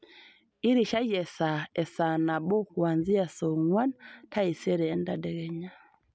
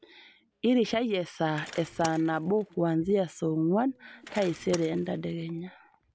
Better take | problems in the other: first | background sound (Bicycle); 18 dB below the speech

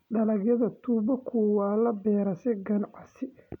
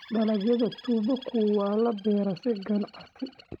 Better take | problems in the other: first | noise reduction (neural mask model RNNoise)

